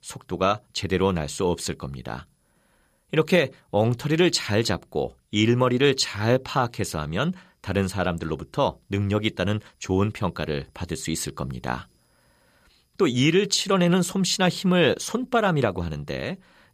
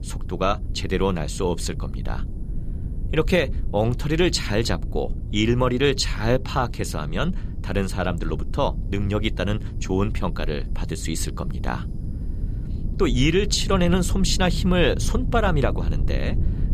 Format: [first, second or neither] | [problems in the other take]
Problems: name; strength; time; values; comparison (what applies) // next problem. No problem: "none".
first | low rumble; noticeable; throughout; 20 dB below the speech